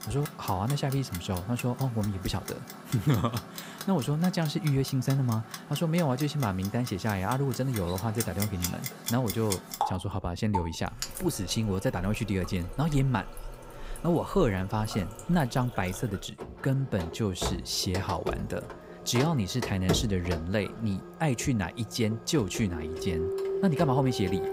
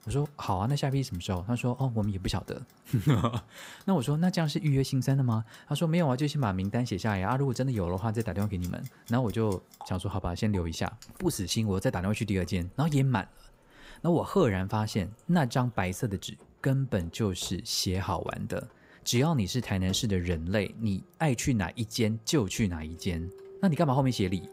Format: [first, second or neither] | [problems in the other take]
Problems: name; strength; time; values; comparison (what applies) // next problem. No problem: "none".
second | household noises; loud; throughout; 9 dB below the speech; faint in the second